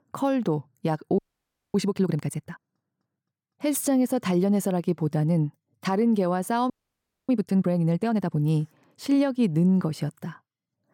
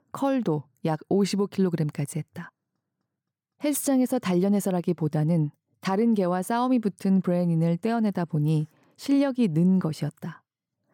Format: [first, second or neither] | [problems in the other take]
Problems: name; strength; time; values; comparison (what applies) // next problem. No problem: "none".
second | audio freezing; at 1 s for 0.5 s and at 6.5 s for 0.5 s